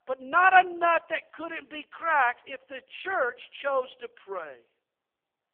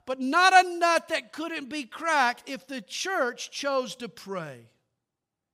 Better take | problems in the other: second | phone-call audio; poor line

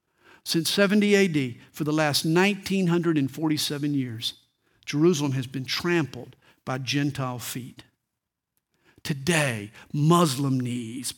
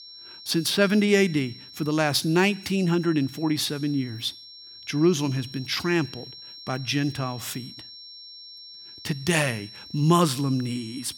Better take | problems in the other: first | high-pitched whine; noticeable; throughout; 5.5 kHz, 15 dB below the speech

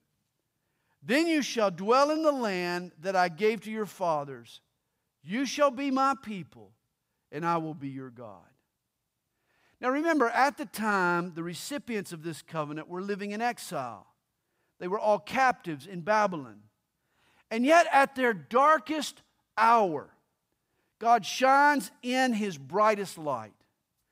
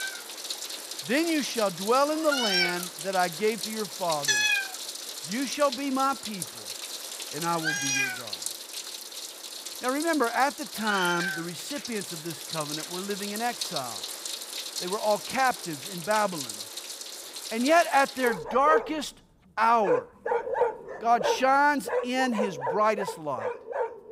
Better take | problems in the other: first | animal sounds; loud; throughout; 4 dB below the speech

